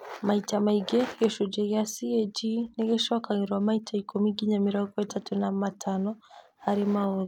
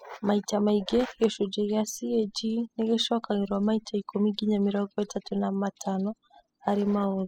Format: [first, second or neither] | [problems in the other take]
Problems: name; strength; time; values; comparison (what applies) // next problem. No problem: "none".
first | noise reduction (classical method spectral subtraction)